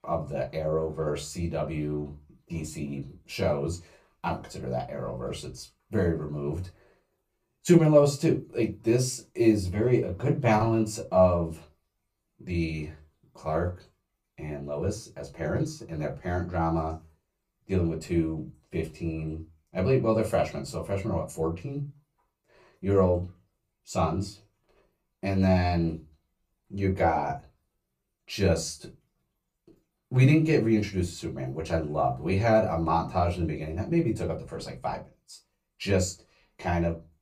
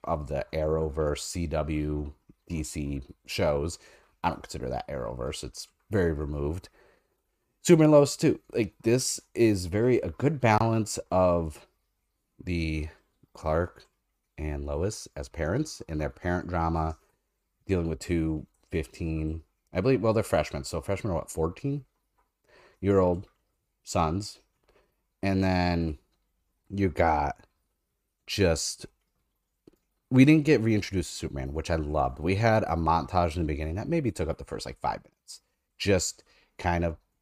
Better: second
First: off-mic speech; far // room echo; very slight; dies away in 0.2 s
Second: none

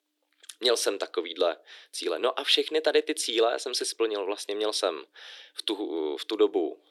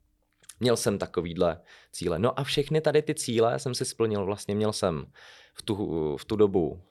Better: second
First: thin; very; fading below 300 Hz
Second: none

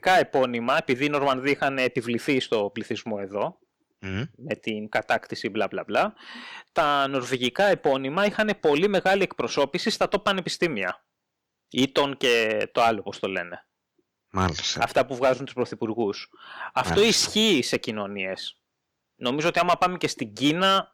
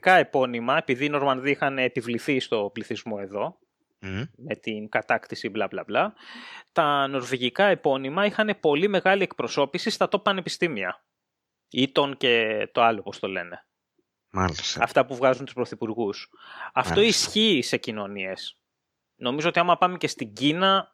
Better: second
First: distortion; slight; 2% of the sound clipped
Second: none

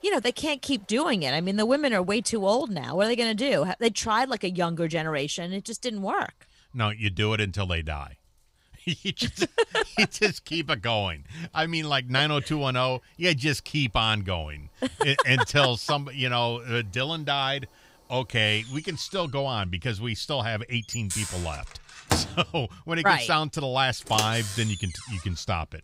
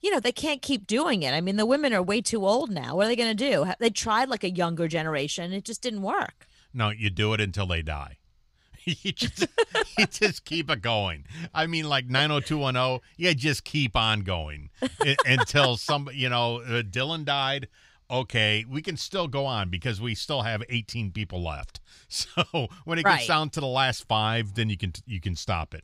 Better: second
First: household noises; loud; throughout; 8 dB below the speech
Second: none

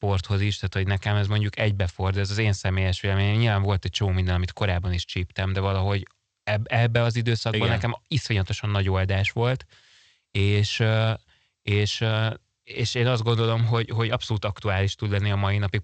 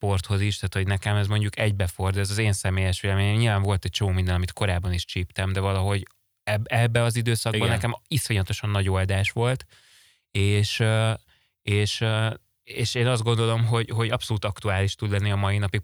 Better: second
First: garbled, watery; slightly; nothing above 7.5 kHz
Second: none

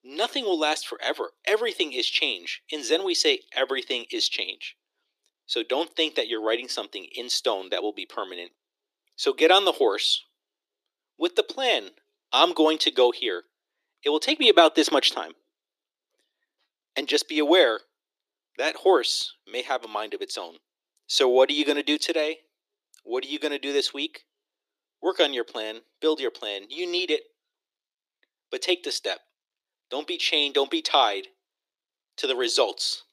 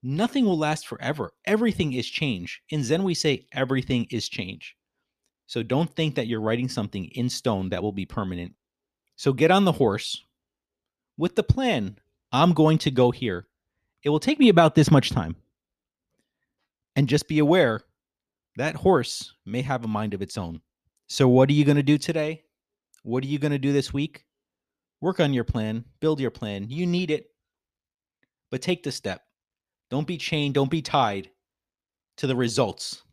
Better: second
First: thin; very; fading below 350 Hz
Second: none

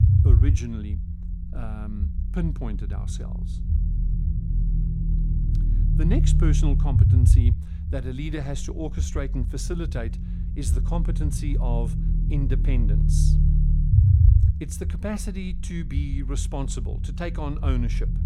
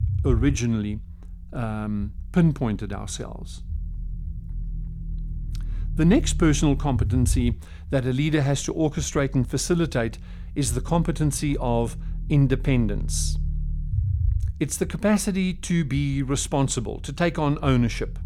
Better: second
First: low rumble; loud; throughout; 3 dB below the speech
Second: low rumble; faint; throughout; 20 dB below the speech

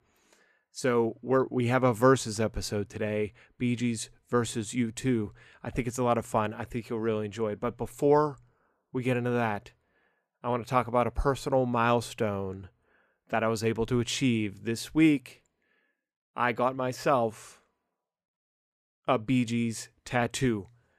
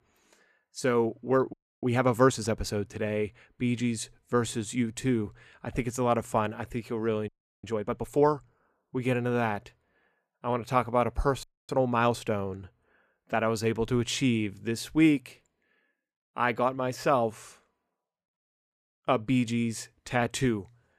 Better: first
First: none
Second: audio freezing; at 1.5 s, at 7.5 s and at 11 s

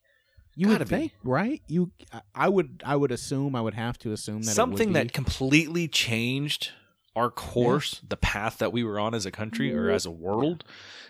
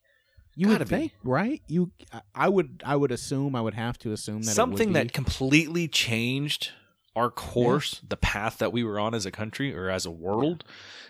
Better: second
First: alarm; noticeable; at 9.5 s; peak 1 dB below the speech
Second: none

